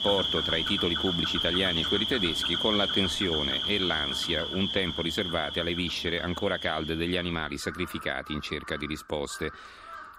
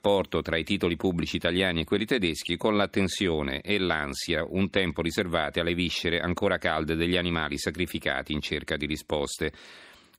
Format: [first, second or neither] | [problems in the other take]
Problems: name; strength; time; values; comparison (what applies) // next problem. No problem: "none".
second | animal sounds; very loud; throughout; 2 dB above the speech